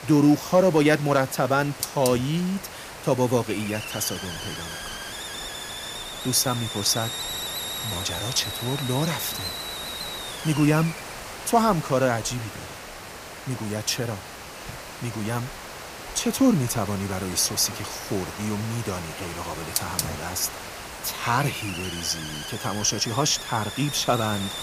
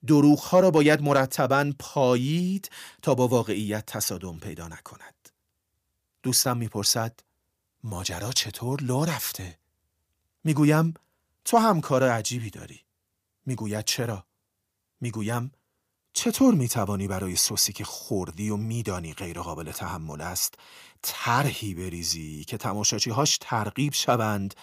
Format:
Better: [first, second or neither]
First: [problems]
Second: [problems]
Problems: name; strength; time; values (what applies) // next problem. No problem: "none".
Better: second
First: hiss; loud; throughout; 8 dB below the speech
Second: none